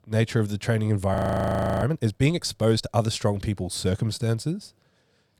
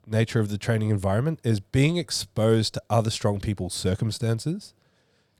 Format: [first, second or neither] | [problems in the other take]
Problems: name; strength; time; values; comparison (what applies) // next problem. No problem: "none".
second | audio freezing; at 1 s for 0.5 s